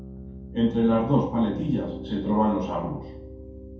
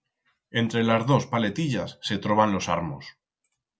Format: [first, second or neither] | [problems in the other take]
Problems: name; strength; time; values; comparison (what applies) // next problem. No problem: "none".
second | background sound (Piano); 12 dB below the speech // room echo; dies away in 2.3 s